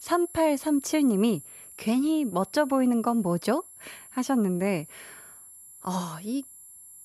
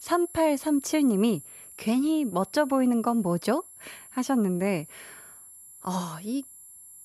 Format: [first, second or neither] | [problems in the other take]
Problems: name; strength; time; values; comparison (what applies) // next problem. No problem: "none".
neither | high-pitched whine; noticeable; throughout; 11 kHz, 20 dB below the speech; the same in both